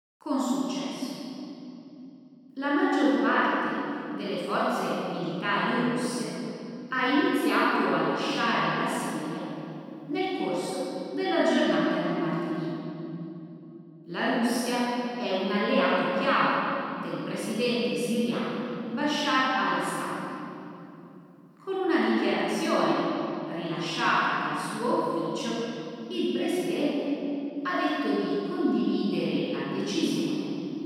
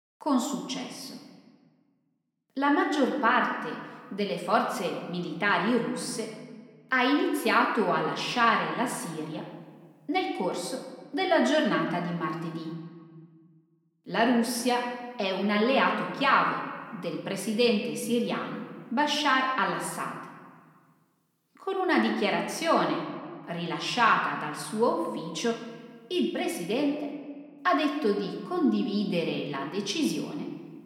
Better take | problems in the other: second | room echo; strong; dies away in 3 s; slight in the second // off-mic speech; far; somewhat distant in the second

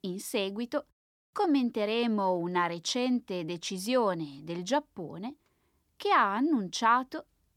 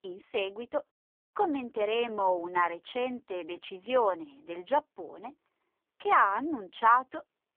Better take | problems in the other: first | phone-call audio; poor line; nothing above 3.5 kHz

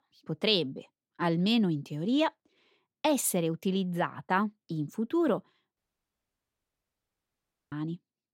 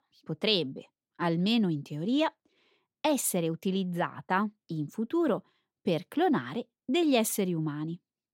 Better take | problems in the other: second | audio cutting out; at 6 s for 2 s

